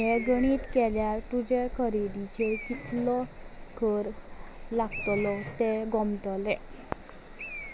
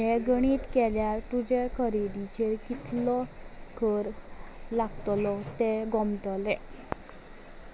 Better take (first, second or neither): second